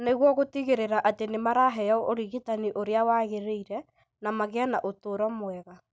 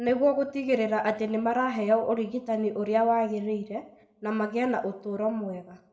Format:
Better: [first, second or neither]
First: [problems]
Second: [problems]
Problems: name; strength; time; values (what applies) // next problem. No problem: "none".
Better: first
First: none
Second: room echo; dies away in 0.5 s